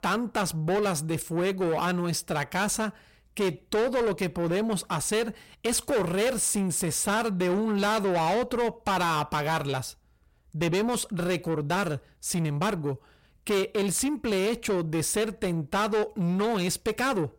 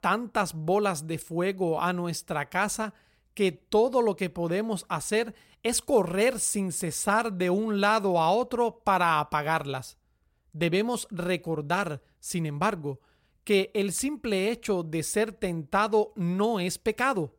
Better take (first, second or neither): second